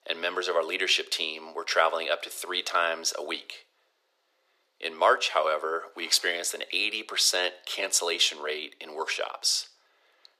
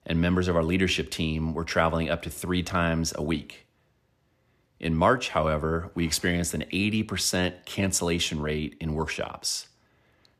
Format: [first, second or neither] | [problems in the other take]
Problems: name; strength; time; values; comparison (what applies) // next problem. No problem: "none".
second | thin; very; fading below 400 Hz